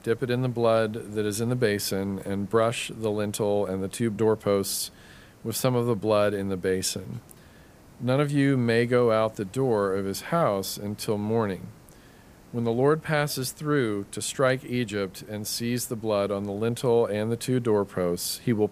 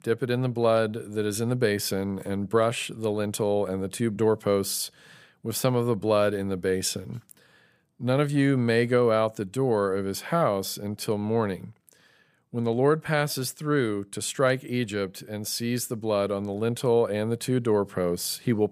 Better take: second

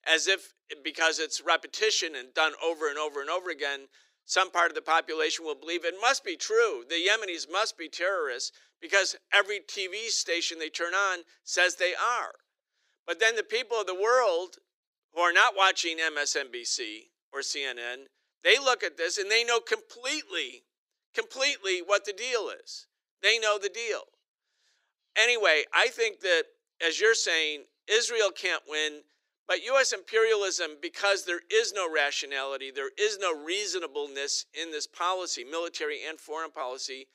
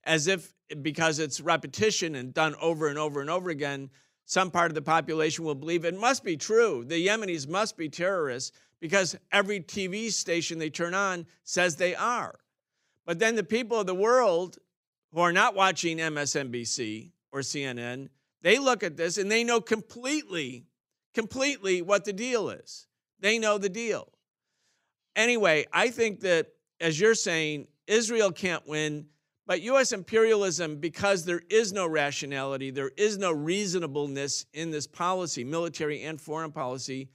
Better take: second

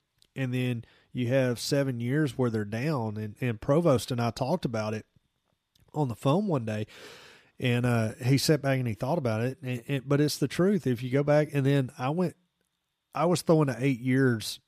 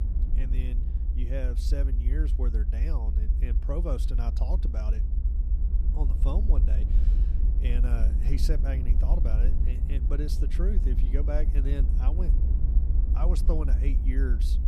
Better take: first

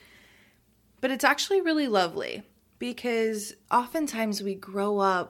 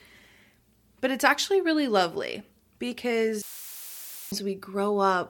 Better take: first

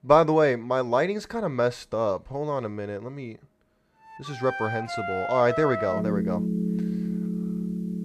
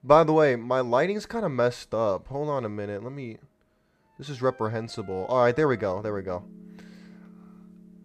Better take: second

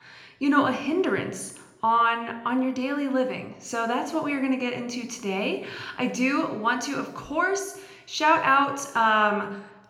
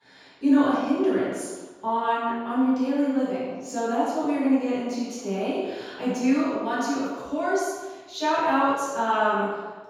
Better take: first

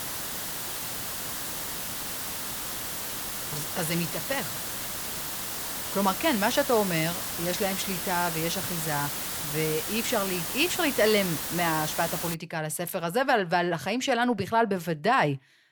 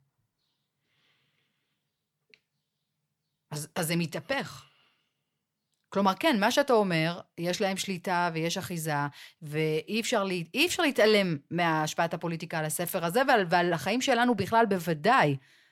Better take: second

